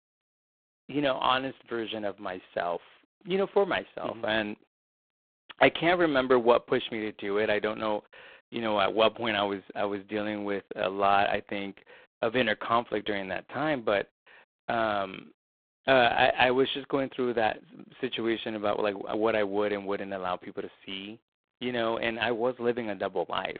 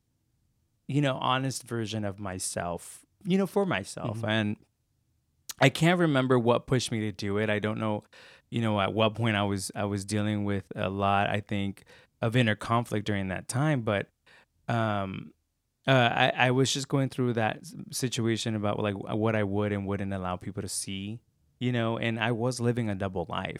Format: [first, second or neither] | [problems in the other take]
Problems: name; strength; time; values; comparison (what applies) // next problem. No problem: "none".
second | phone-call audio; poor line; nothing above 3.5 kHz